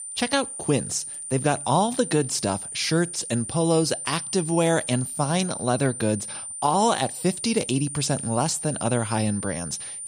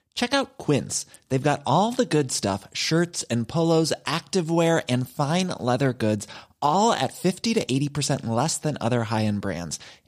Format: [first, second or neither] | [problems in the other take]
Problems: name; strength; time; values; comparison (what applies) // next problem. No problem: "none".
second | high-pitched whine; loud; throughout; 9 kHz, 7 dB below the speech